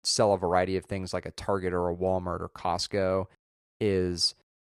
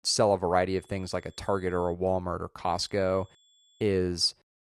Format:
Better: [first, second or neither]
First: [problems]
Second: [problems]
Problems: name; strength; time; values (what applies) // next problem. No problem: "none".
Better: first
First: none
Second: high-pitched whine; faint; from 0.5 to 2 s and from 2.5 to 4 s; 3.5 kHz, 35 dB below the speech